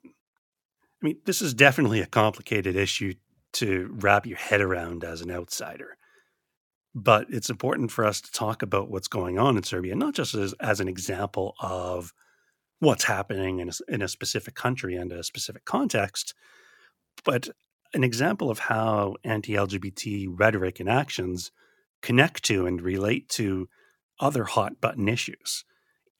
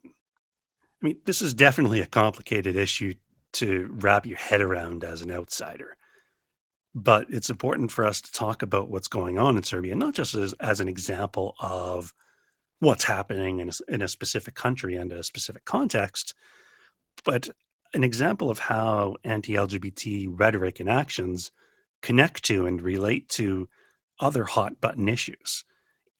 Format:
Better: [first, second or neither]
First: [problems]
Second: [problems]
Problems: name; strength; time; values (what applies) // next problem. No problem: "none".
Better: first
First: none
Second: garbled, watery; slightly; nothing above 18.5 kHz